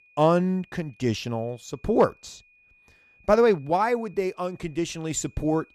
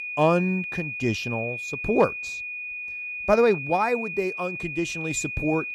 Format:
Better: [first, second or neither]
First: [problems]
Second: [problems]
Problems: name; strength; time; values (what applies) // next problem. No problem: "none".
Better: first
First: high-pitched whine; faint; throughout; 2.5 kHz, 30 dB below the speech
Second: high-pitched whine; loud; throughout; 2.5 kHz, 5 dB below the speech